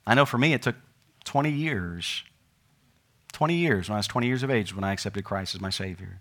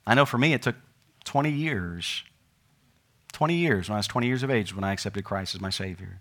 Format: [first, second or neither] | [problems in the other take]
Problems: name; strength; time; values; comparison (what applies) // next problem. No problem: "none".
neither | none